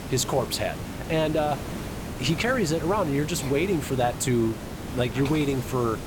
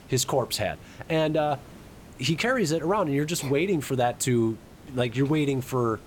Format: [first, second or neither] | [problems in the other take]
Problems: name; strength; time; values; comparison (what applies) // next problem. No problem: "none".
second | hiss; loud; throughout; 9 dB below the speech; faint in the second